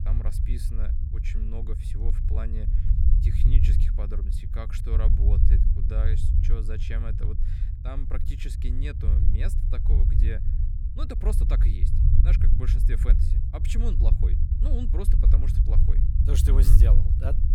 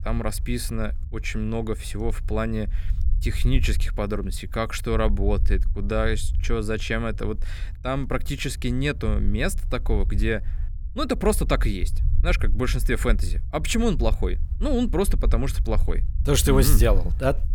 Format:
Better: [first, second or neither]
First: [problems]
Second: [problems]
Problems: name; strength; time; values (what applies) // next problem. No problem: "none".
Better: second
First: low rumble; loud; throughout; 1 dB below the speech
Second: low rumble; faint; throughout; 20 dB below the speech